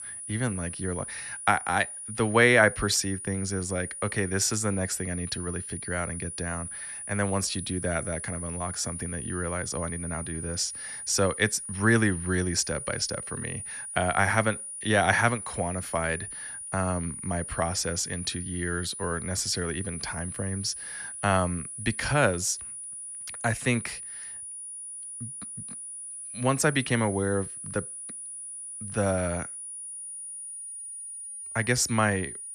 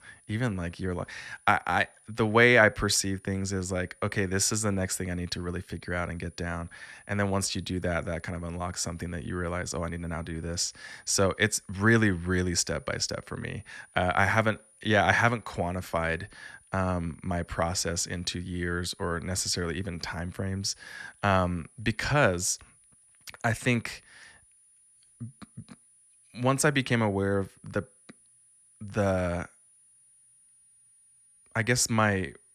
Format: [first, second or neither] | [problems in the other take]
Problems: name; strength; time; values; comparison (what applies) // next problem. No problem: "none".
second | high-pitched whine; loud; throughout; 9.5 kHz, 8 dB below the speech; faint in the second